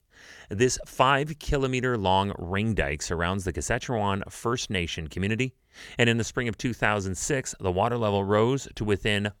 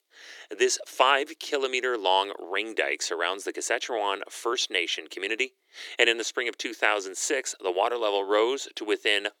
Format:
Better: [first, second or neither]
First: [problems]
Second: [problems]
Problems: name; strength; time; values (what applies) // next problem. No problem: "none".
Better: first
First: none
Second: thin; very; fading below 300 Hz